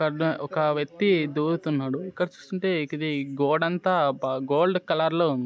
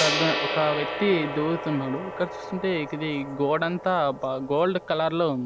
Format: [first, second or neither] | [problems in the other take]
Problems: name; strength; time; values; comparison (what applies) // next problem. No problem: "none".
first | background sound (Gong); 6 dB below the speech